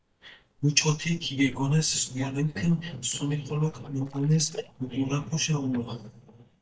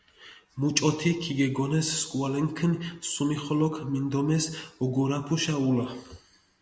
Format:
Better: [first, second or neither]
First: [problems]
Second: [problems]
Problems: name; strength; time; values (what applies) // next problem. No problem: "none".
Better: second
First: noise reduction (neural mask model DeepFilterNet 3)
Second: none